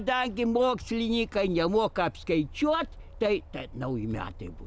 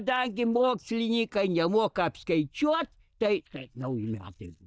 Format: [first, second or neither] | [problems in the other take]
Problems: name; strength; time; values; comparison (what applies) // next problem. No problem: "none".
first | noise reduction (neural mask model DeepFilterNet 3)